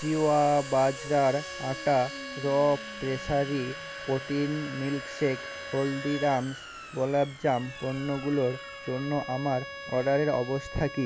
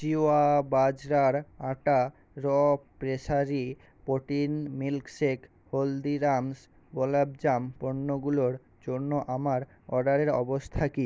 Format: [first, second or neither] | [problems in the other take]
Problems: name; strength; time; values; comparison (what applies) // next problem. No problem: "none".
second | background sound (Domestic sounds, home sounds + Bowed string instrument); 12 dB below the speech